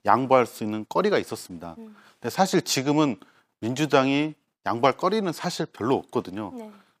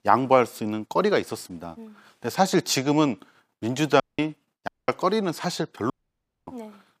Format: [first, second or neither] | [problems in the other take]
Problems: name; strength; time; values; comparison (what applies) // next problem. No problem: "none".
first | audio cutting out; at 4 s, at 4.5 s and at 6 s for 0.5 s